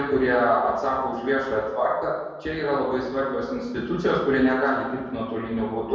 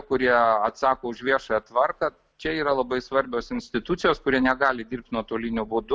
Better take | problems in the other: second | room echo; dies away in 1.2 s

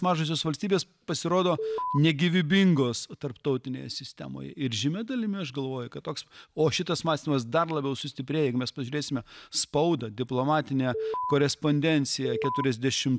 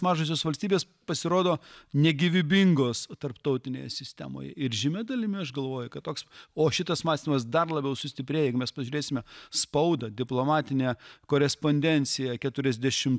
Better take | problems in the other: second | background sound (Alarm); 3 dB below the speech

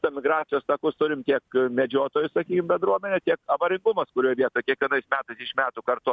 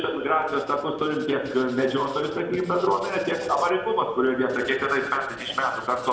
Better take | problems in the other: first | background sound (Writing); 18 dB below the speech // room echo; dies away in 1 s

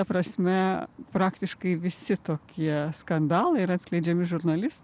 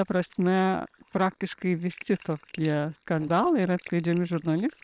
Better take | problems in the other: first | noise reduction (neural separator model SepFormer WHAM!)

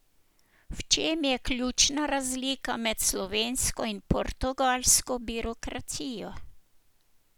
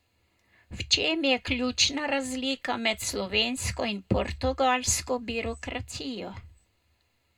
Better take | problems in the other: first | room echo; dies away in 0.2 s

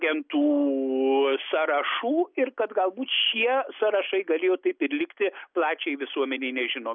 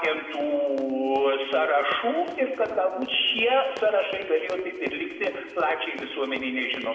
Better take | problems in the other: first | background sound (Run); 18 dB below the speech // room echo; dies away in 1.8 s

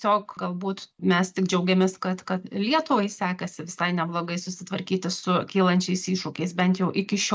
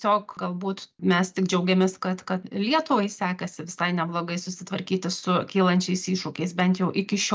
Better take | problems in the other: second | noise reduction (neural mask model Resemble Enhance denoiser)

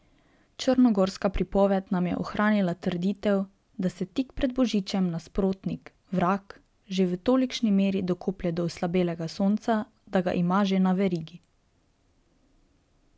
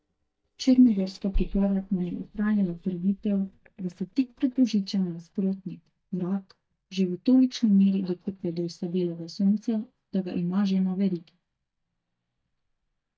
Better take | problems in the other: first | noise reduction (neural mask model DeepFilterNet 3)

